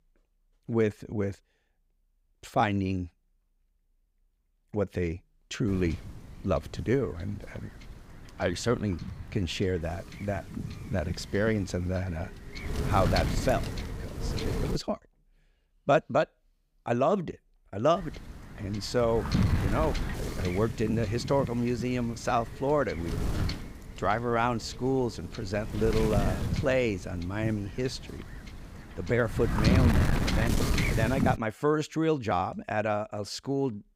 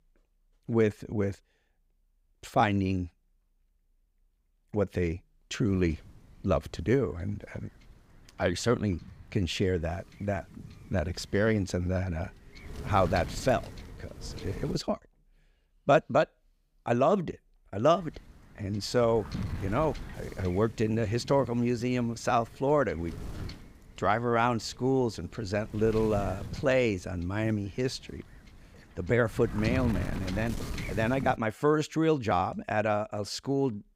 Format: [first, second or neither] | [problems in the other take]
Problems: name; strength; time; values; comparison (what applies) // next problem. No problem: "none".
second | wind noise on the microphone; heavy; from 5.5 to 15 s and from 18 to 31 s; 7 dB below the speech; occasional gusts in the second